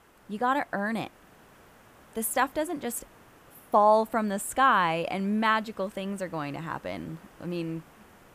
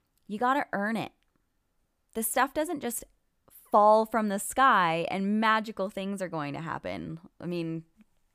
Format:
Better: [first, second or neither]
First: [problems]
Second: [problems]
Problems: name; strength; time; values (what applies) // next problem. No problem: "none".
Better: second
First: hiss; faint; throughout; 25 dB below the speech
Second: none